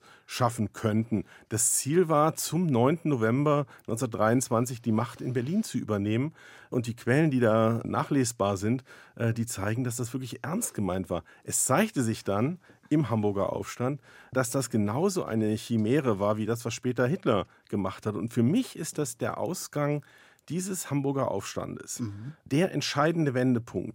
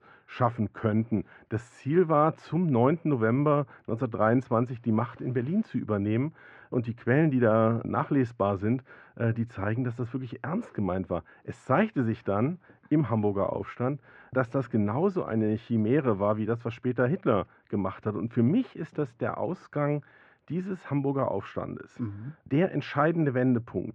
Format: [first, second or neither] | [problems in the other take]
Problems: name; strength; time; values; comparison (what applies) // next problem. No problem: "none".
first | muffled; very; fading above 2.5 kHz